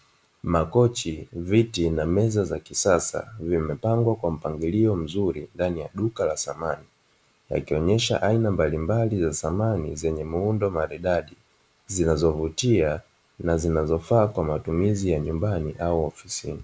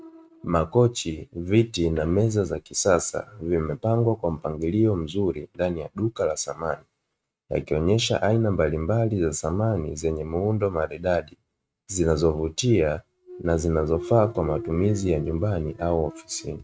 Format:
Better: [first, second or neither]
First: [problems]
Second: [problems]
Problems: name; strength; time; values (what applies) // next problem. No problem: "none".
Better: first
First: none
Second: noise reduction (neural mask model RNNoise)